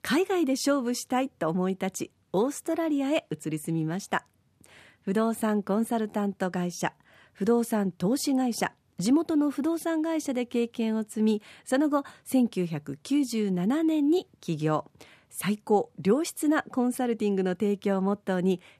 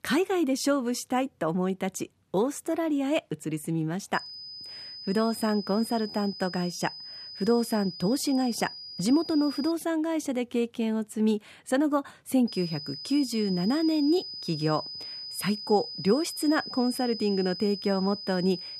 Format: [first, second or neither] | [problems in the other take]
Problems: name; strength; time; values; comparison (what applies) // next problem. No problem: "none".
first | high-pitched whine; loud; from 4 to 9.5 s and from 12 s on; 5 kHz, 9 dB below the speech